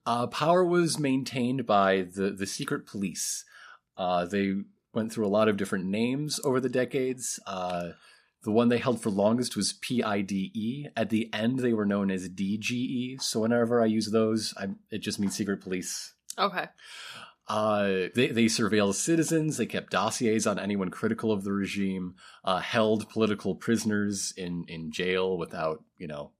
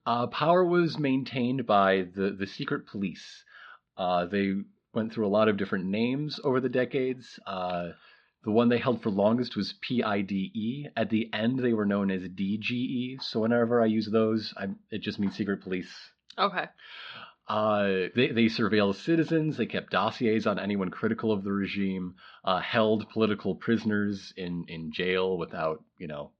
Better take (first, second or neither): first